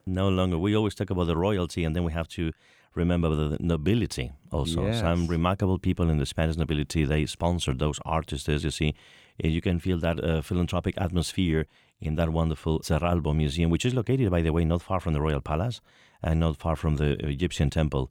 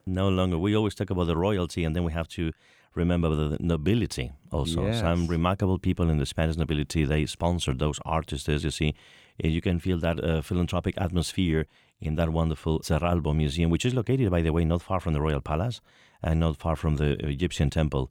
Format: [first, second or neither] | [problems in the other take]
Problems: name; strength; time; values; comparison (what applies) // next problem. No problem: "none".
neither | none